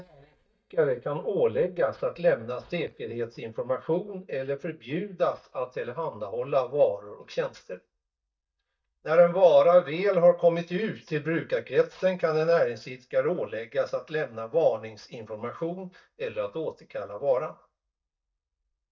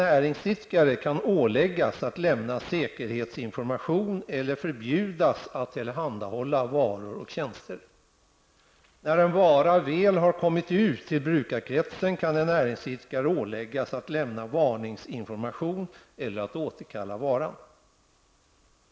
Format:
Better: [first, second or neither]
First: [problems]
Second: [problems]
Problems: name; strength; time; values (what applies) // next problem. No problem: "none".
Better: second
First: noise reduction (neural mask model DeepFilterNet 3)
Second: none